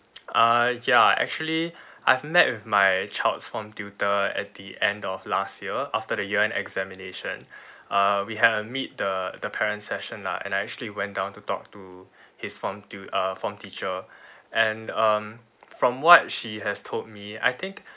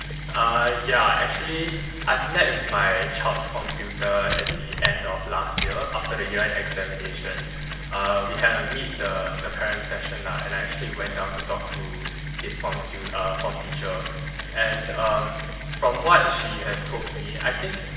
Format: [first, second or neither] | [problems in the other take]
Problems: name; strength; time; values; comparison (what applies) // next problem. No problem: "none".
first | background sound (Mechanisms); 6 dB below the speech // room echo; dies away in 1.2 s